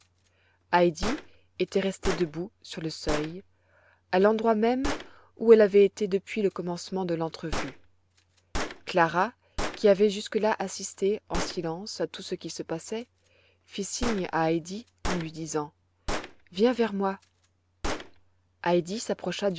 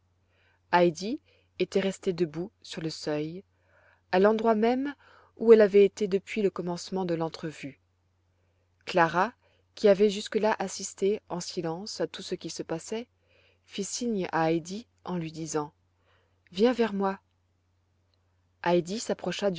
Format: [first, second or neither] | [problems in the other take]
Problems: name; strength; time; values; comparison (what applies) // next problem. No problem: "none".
second | background sound (Gunshot, gunfire); 10 dB below the speech